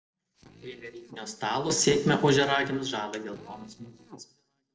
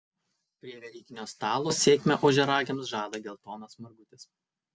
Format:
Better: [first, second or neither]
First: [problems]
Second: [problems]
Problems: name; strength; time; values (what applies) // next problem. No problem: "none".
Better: second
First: noise reduction (neural separator model SepFormer DNS4)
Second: none